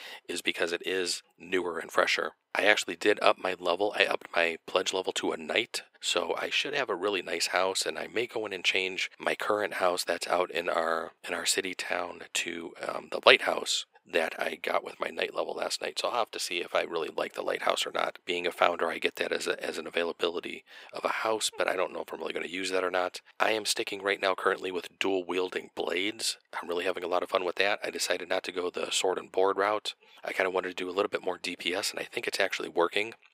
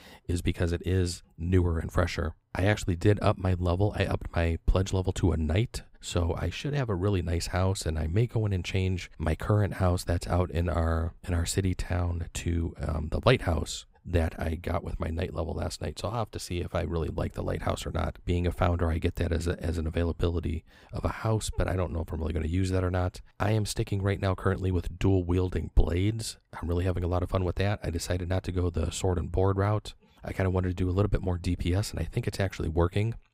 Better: second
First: thin; very; fading below 400 Hz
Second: none

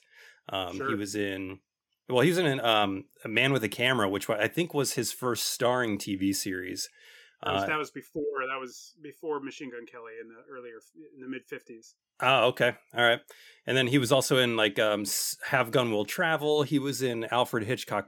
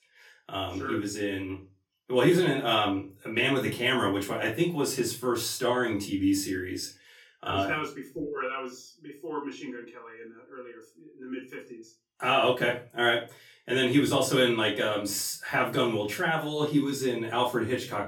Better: first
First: none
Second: off-mic speech; far // room echo; slight; dies away in 0.3 s

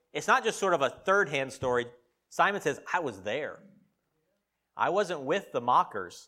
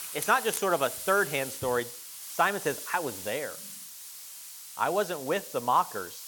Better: first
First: none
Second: hiss; loud; throughout; 9 dB below the speech

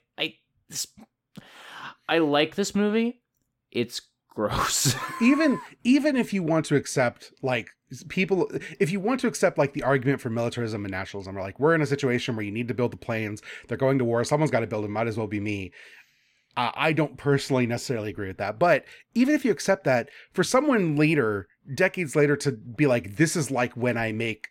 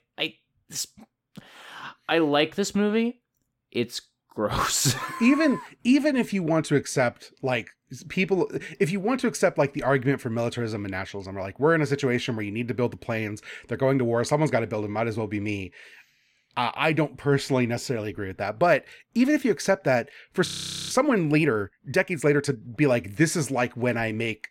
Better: first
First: none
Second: audio freezing; at 20 s

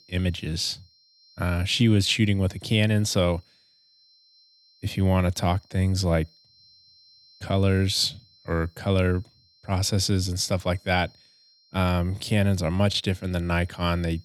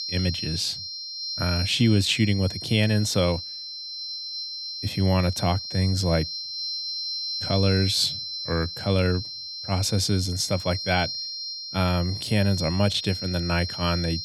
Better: first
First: high-pitched whine; faint; throughout; 4 kHz, 30 dB below the speech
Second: high-pitched whine; loud; throughout; 4 kHz, 6 dB below the speech

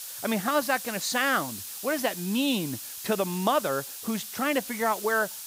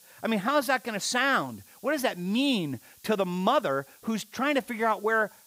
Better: second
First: hiss; loud; throughout; 8 dB below the speech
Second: hiss; faint; throughout; 25 dB below the speech

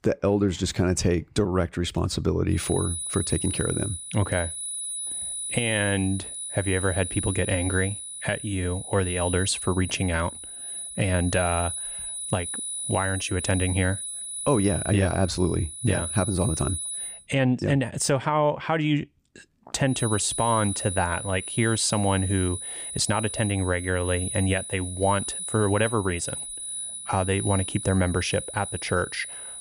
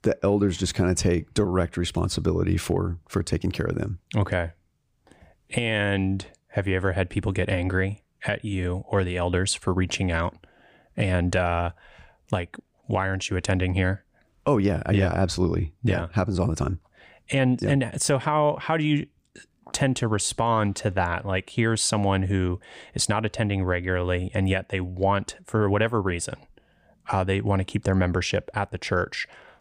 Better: second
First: high-pitched whine; loud; from 2.5 to 17 s and from 20 s on; 10 kHz, 5 dB below the speech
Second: none

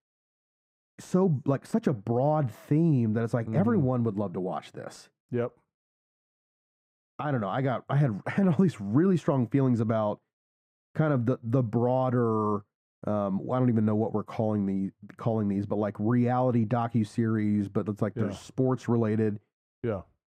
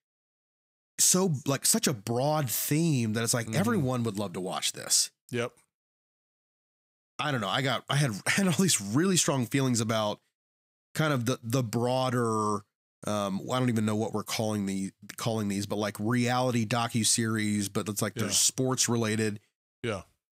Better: second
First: muffled; very; fading above 2.5 kHz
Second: none

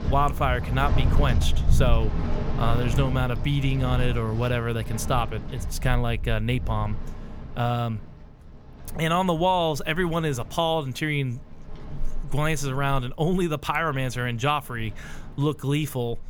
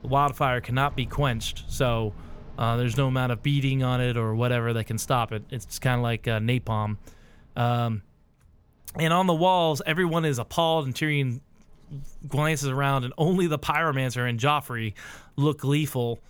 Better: second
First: wind in the background; loud; throughout; 4 dB below the speech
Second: wind in the background; faint; throughout; 20 dB below the speech

